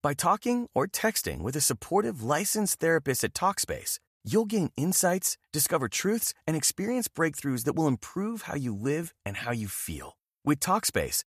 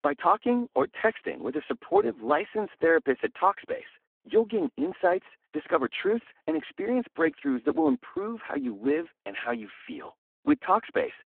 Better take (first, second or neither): first